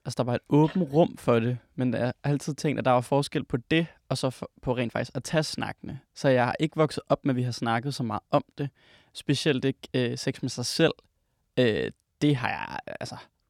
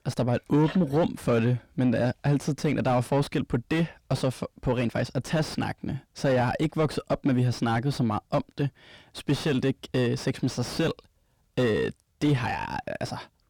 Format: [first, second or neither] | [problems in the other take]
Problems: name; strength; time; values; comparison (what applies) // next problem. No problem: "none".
first | distortion; heavy; 7 dB below the speech